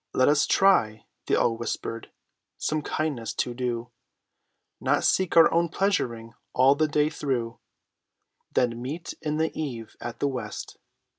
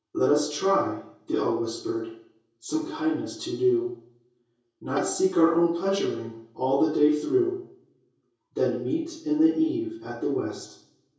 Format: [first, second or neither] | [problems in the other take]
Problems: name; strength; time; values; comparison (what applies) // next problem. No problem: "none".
first | background sound (Bowed string instrument); 12 dB below the speech // room echo; dies away in 0.6 s